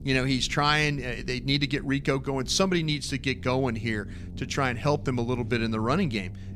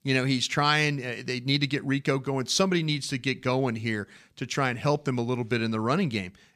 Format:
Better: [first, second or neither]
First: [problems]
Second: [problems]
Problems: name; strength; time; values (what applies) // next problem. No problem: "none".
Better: second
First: low rumble; faint; throughout; 25 dB below the speech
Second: none